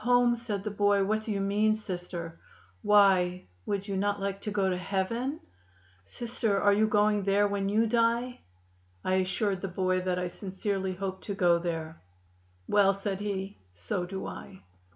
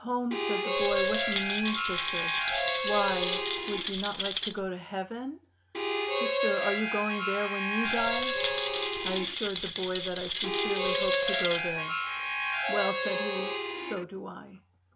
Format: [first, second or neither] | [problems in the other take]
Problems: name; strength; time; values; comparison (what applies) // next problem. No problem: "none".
first | background sound (Rattle + Harmonica); 4 dB above the speech